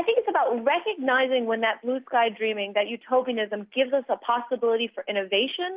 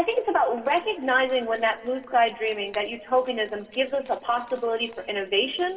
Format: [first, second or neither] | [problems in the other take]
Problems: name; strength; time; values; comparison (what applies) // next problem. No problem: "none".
first | noise reduction (neural separator model SepFormer DNS4)